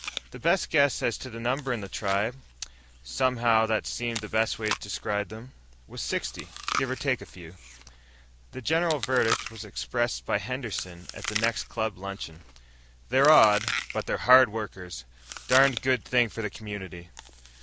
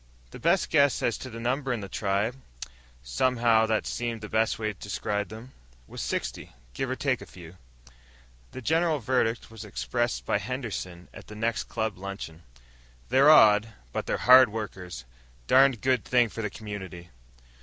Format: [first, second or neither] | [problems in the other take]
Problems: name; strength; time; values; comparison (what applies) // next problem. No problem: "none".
second | background sound (Chewing, mastication); 11 dB below the speech